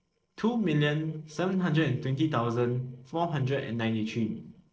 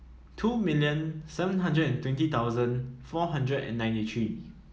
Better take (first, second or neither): second